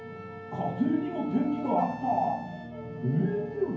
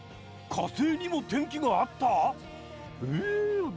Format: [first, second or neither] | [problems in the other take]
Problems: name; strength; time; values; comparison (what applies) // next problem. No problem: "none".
second | background sound (Wind instrument, woodwind instrument); 14 dB below the speech // room echo; dies away in 0.9 s